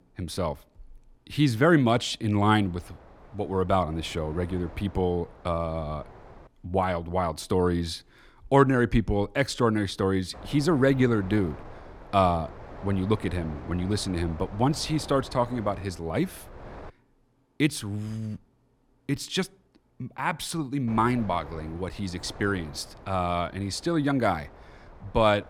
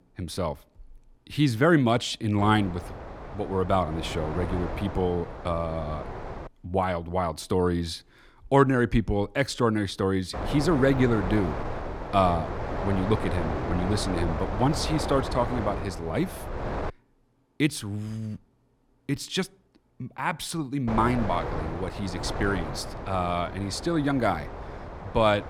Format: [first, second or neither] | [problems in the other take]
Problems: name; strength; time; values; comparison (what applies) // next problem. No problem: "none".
first | wind noise on the microphone; heavy; from 2.5 to 6.5 s, from 10 to 17 s and from 21 s on; 7 dB below the speech; occasional gusts in the first